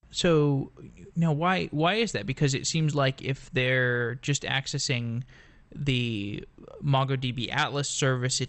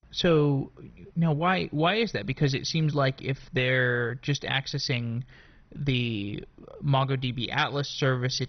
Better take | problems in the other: first | garbled, watery; badly; nothing above 6 kHz; slightly in the first

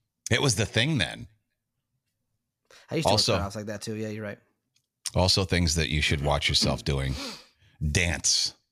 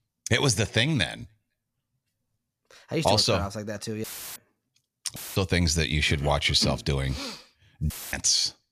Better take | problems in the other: first | audio cutting out; filled with static; at 4 s, at 5 s and at 8 s

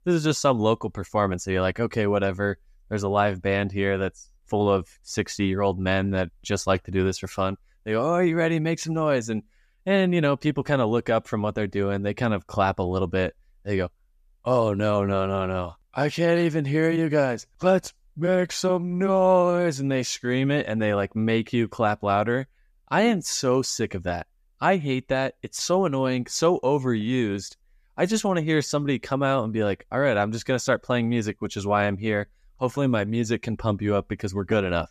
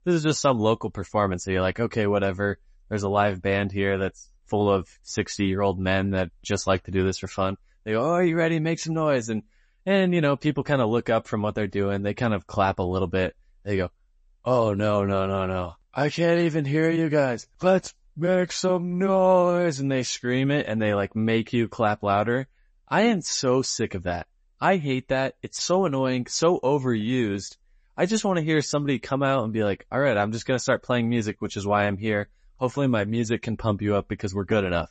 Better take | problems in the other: first | garbled, watery; slightly; nothing above 7.5 kHz

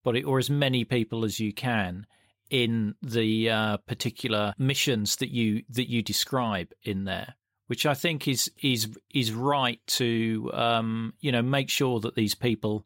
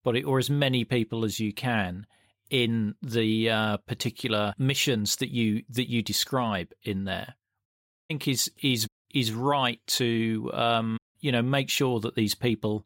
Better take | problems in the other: first | audio cutting out; at 7.5 s, at 9 s and at 11 s

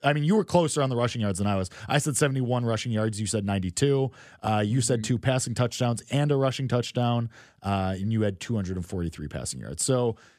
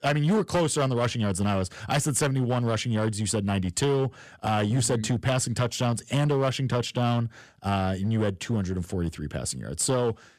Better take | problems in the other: first | distortion; slight; 10% of the sound clipped

